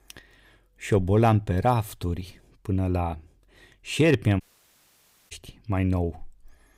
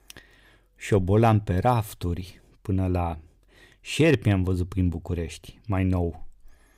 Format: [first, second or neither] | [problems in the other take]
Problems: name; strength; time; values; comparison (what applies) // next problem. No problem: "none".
second | audio cutting out; at 4.5 s for 1 s